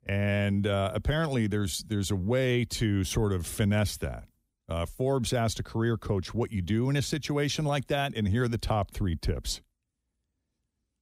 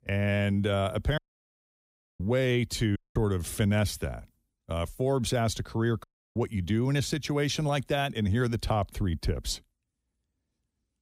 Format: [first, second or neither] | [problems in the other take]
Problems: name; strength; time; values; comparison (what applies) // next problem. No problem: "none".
first | audio cutting out; at 1 s for 1 s, at 3 s and at 6 s